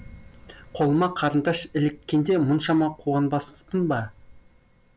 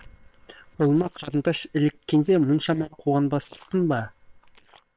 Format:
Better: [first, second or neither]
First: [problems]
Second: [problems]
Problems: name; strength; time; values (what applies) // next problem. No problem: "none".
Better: first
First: none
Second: noise reduction (neural separator model SepFormer WHAM!)